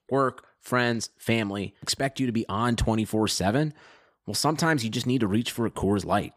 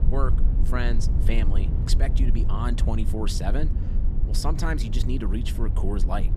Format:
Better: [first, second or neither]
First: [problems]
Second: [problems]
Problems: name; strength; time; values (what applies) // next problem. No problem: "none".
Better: first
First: none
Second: low rumble; loud; throughout; 8 dB below the speech